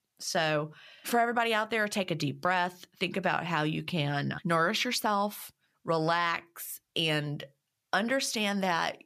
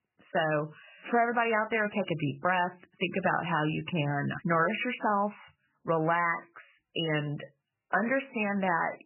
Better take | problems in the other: first | garbled, watery; badly; nothing above 3 kHz

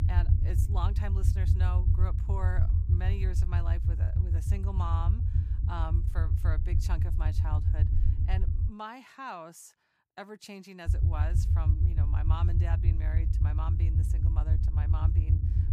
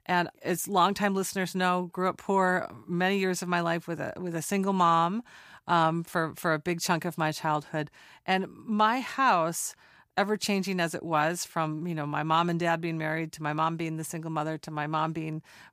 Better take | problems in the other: second | low rumble; loud; until 8.5 s and from 11 s on; 2 dB below the speech

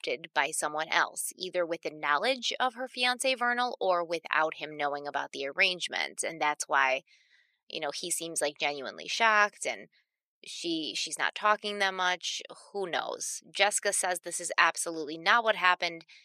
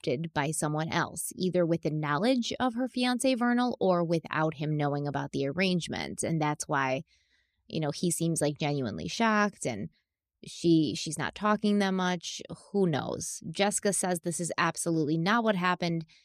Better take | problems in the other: second | thin; very; fading below 650 Hz

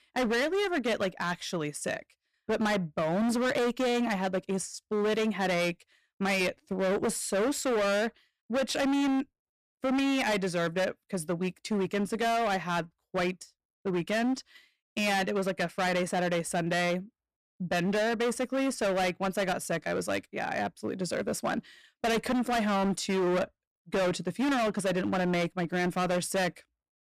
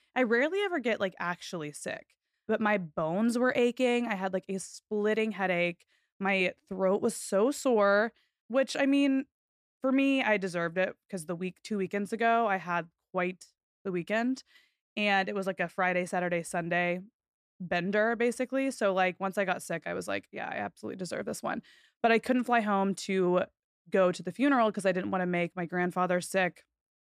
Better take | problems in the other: second | distortion; heavy; 22% of the sound clipped

